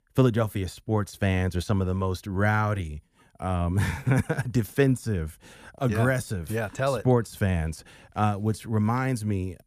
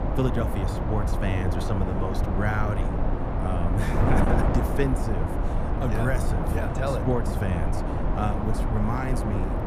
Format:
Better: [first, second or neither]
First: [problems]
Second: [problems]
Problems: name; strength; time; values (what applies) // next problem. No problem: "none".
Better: first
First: none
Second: wind noise on the microphone; heavy; 1 dB above the speech